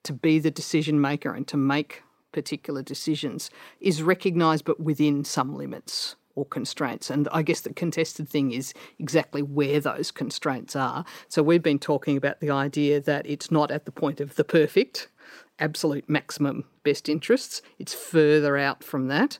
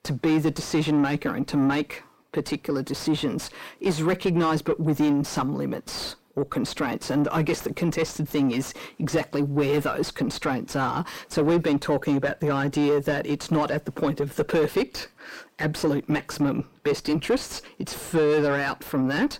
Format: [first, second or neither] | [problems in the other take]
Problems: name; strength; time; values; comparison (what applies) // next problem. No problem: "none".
first | distortion; heavy; 7 dB below the speech